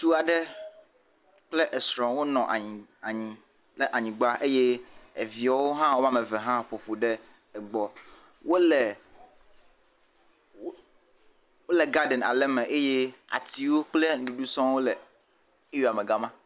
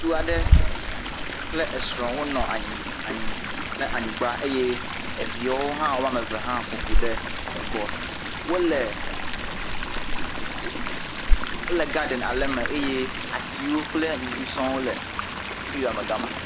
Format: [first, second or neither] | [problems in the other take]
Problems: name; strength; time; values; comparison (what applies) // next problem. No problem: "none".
first | background sound (Chatter / Stream); 3 dB above the speech